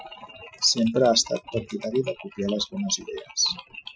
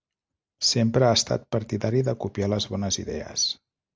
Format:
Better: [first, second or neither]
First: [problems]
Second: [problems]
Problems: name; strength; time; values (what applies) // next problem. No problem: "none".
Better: second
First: noise reduction (classical method Wiener filter)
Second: none